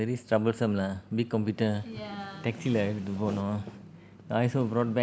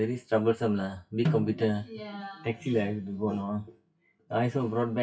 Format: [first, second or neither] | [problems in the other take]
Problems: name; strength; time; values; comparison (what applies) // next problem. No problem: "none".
first | noise reduction (classical method WPE with log-MMSE)